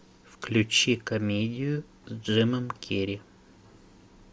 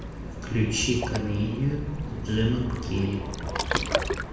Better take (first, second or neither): first